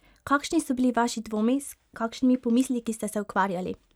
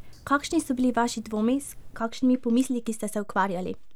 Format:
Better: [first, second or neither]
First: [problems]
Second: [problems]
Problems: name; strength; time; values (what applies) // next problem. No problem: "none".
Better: first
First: none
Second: background sound (Drip); 14 dB below the speech